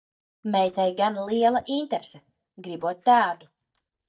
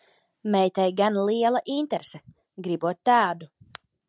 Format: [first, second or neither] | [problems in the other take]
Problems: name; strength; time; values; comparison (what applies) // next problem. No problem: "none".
second | noise reduction (neural mask model DeepFilterNet 3)